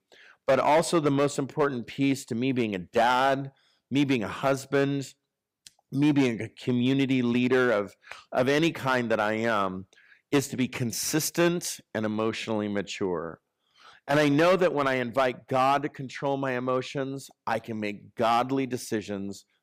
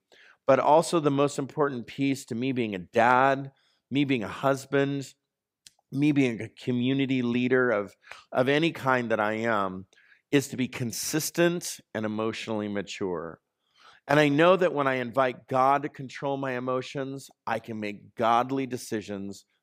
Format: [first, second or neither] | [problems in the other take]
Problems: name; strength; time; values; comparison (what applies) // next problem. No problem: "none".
second | distortion; slight; 3% of the sound clipped